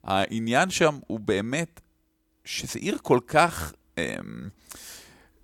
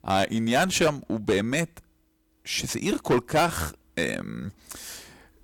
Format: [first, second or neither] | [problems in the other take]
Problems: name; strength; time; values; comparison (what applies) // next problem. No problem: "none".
first | distortion; heavy; 5% of the sound clipped